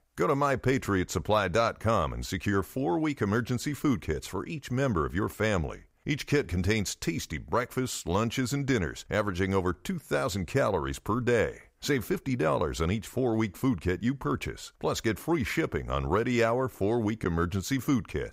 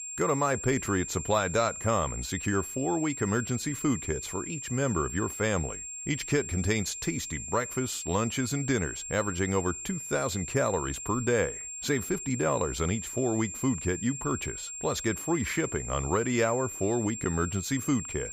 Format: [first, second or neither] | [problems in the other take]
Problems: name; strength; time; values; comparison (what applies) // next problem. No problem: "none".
first | high-pitched whine; loud; throughout; 7.5 kHz, 7 dB below the speech